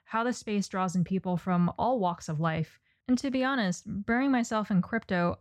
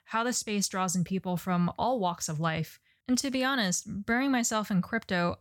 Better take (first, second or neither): second